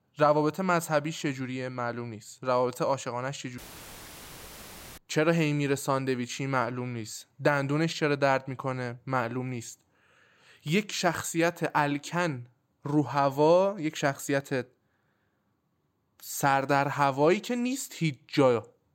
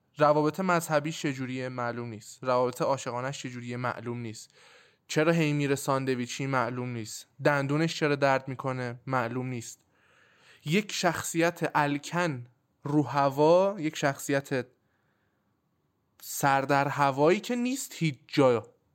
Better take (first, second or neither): second